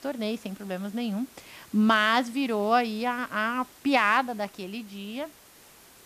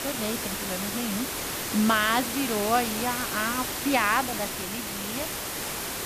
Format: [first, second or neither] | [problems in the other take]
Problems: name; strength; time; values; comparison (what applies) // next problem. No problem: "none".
first | hiss; loud; throughout; 2 dB below the speech; faint in the first